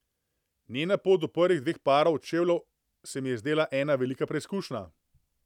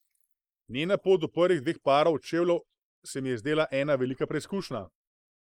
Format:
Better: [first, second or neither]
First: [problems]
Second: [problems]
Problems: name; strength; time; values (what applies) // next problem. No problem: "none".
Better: first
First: none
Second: noise reduction (neural mask model Resemble Enhance denoiser)